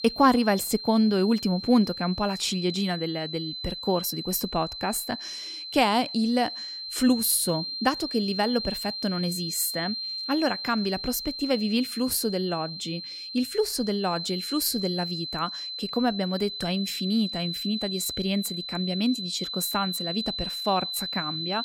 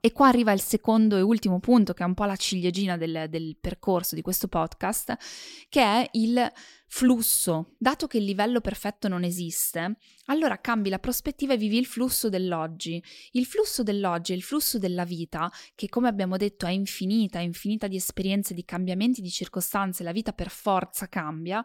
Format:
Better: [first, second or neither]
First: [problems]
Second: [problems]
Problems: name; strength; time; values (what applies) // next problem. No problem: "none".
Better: second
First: high-pitched whine; loud; throughout; 4 kHz, 6 dB below the speech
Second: none